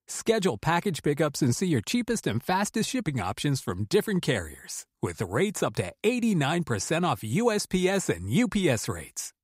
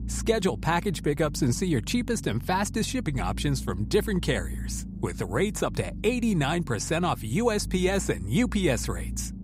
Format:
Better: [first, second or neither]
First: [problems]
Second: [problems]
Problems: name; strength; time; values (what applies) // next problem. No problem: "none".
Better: first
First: none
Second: low rumble; noticeable; throughout; 20 dB below the speech